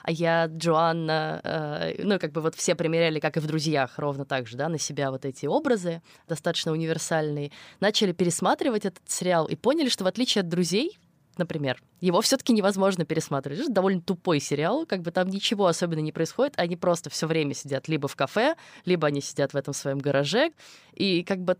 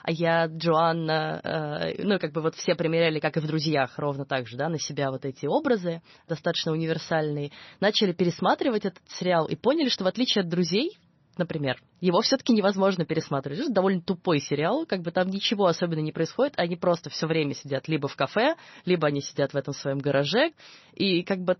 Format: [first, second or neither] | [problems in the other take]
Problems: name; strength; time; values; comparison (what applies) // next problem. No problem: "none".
first | garbled, watery; slightly; nothing above 6 kHz